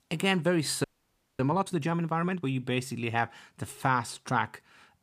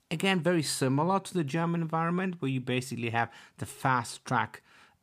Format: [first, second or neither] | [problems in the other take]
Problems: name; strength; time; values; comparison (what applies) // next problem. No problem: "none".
second | audio freezing; at 1 s for 0.5 s